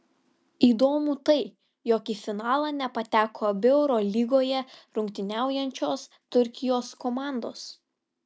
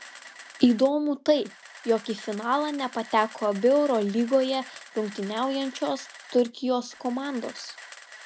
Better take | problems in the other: first | background sound (Camera); 19 dB below the speech

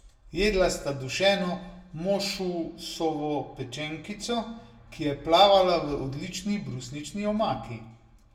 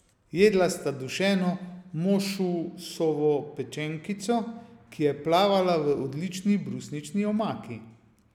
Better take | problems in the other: second | room echo; dies away in 0.2 s

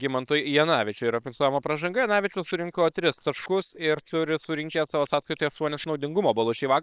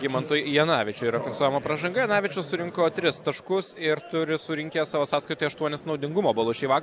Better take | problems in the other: second | noise reduction (neural separator model SepFormer WHAM!)

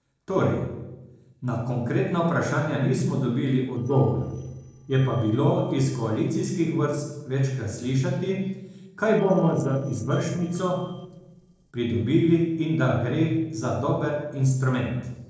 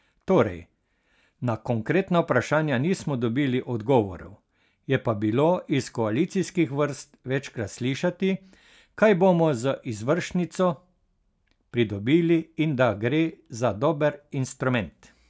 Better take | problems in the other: second | noise reduction (neural separator model SepFormer DNS4)

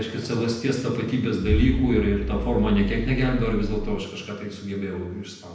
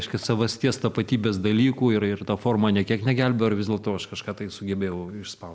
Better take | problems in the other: second | background sound (Explosion); 3 dB below the speech // room echo; dies away in 0.9 s

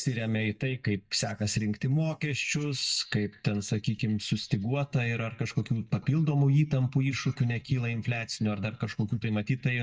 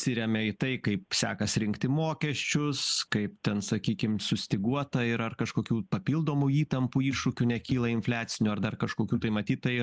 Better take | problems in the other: second | noise reduction (neural mask model DeepFilterNet 3)

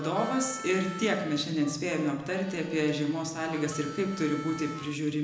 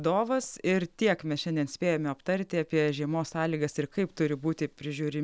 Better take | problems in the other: second | background sound (Harmonica); 14 dB below the speech // room echo; dies away in 0.9 s

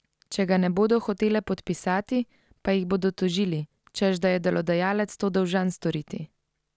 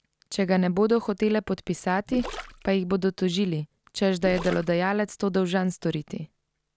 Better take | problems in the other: first | background sound (Gurgling); 14 dB below the speech

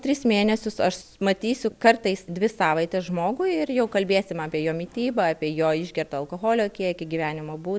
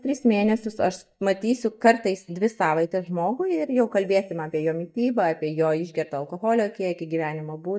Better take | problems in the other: first | noise reduction (neural mask model DeepFilterNet 3)

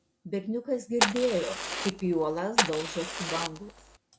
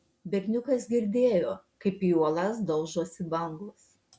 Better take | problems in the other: second | background sound (Fire); as loud as the speech

